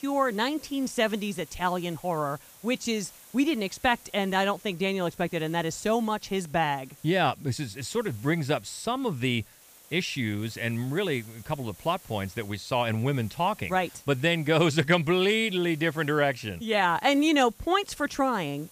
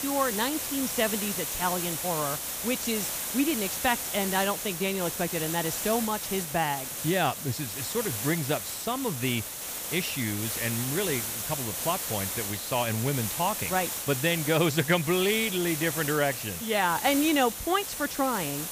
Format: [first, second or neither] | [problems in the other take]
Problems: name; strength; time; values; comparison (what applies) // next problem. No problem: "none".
first | hiss; loud; throughout; 3 dB below the speech; faint in the first